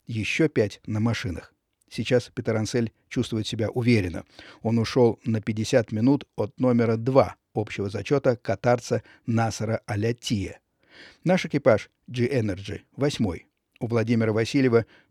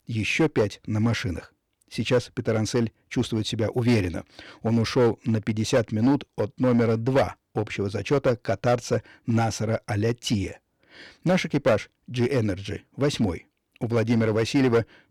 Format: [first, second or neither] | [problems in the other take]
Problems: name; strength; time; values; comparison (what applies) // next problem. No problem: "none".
first | distortion; slight; 4% of the sound clipped